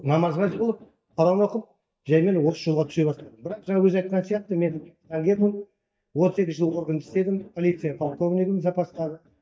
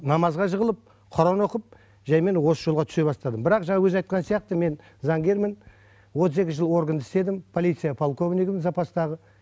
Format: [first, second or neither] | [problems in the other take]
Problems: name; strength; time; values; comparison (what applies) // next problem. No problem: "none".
second | noise reduction (neural mask model DeepFilterNet 3)